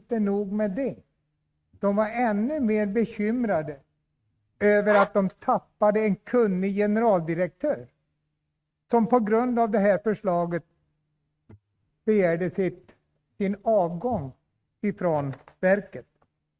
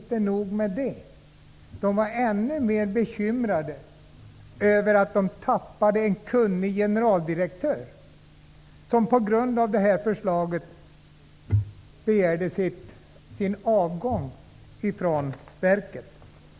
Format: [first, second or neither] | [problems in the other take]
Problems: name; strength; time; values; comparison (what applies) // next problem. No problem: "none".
second | noise reduction (neural mask model RNNoise)